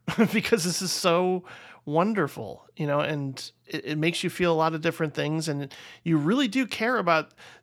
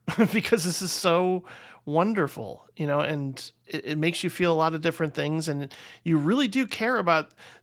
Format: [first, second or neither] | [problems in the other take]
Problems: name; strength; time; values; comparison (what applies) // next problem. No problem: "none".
first | garbled, watery; slightly